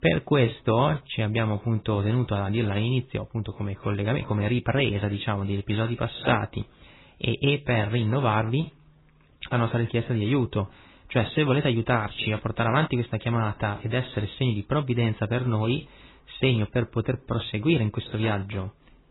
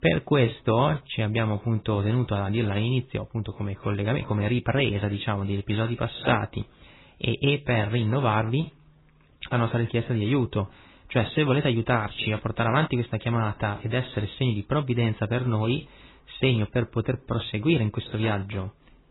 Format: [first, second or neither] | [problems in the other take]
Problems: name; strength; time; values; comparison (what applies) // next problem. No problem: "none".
neither | garbled, watery; badly; nothing above 4 kHz; the same in both